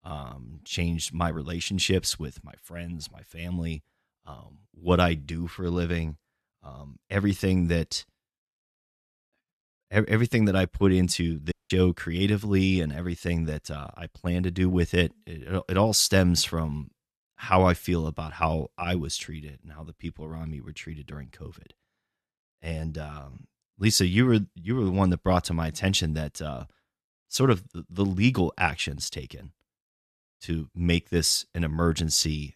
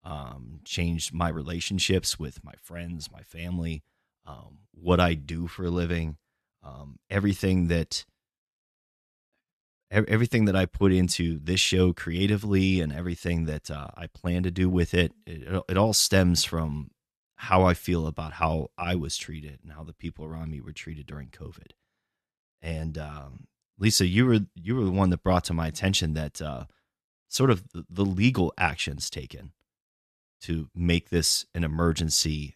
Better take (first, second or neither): second